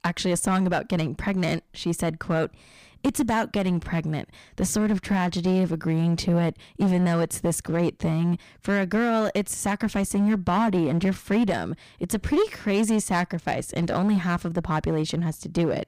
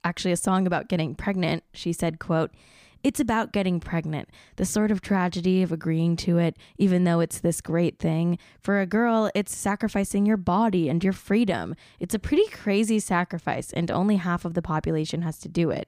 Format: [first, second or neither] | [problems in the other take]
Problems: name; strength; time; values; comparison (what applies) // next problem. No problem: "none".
second | distortion; slight; 9% of the sound clipped